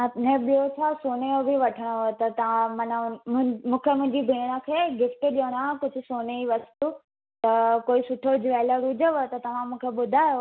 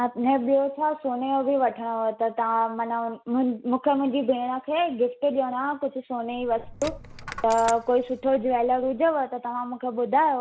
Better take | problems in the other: first | background sound (Coin (dropping)); 16 dB below the speech

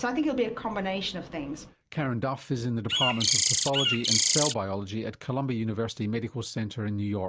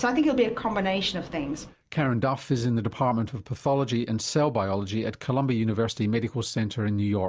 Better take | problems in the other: second | background sound (Bird); 5 dB above the speech

